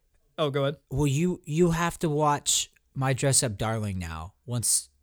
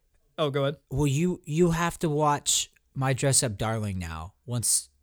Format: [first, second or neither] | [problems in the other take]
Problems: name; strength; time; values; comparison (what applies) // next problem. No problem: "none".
neither | none